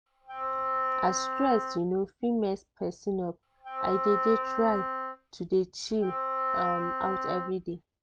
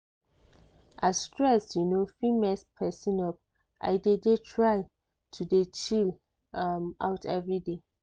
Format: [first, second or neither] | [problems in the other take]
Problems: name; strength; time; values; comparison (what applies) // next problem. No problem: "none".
second | background sound (Wind instrument, woodwind instrument); 2 dB below the speech